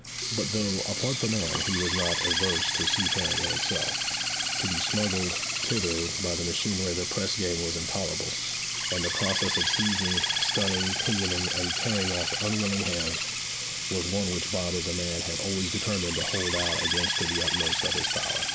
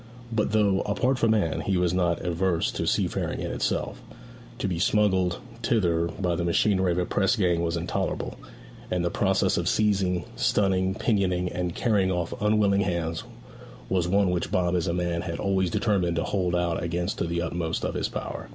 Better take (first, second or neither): second